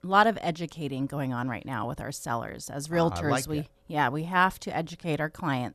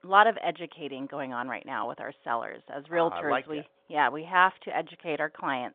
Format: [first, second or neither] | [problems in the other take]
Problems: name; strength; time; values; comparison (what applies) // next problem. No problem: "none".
first | phone-call audio